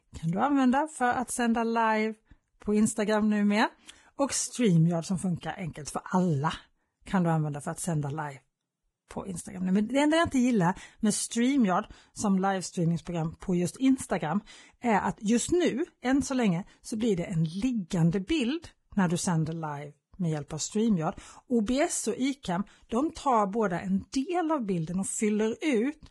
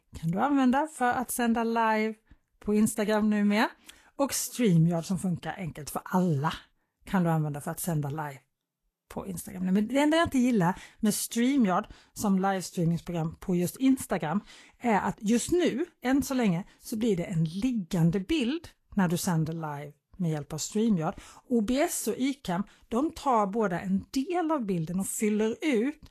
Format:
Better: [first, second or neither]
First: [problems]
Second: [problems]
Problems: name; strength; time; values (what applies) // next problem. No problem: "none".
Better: second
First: garbled, watery; badly; nothing above 10.5 kHz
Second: garbled, watery; slightly; nothing above 13 kHz